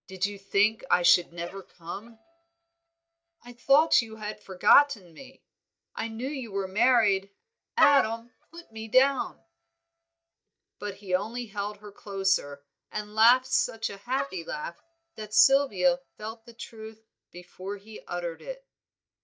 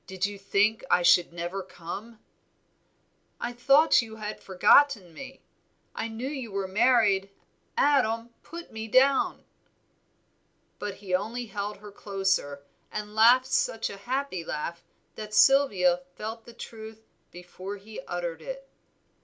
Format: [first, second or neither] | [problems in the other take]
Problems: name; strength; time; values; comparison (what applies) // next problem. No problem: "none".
second | noise reduction (neural mask model DeepFilterNet 3)